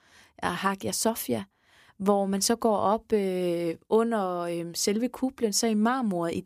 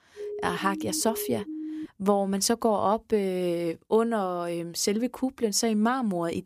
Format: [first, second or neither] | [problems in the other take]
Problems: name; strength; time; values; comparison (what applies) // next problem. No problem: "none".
first | siren; noticeable; until 2 s; peak 9 dB below the speech